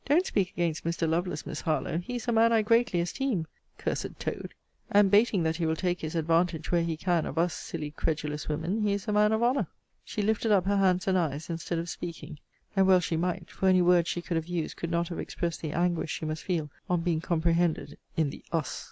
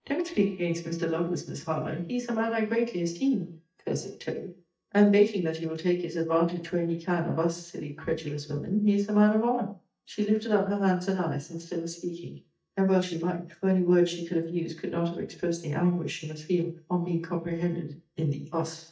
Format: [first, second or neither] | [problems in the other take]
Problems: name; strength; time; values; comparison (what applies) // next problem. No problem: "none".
first | noise reduction (neural mask model DeepFilterNet 3)